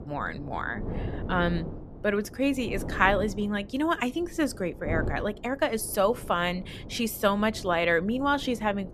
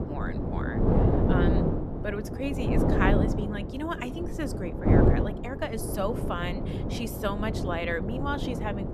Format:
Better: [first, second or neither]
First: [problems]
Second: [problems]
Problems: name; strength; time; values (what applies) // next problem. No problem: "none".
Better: first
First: wind noise on the microphone; occasional gusts; 15 dB below the speech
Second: wind noise on the microphone; heavy; as loud as the speech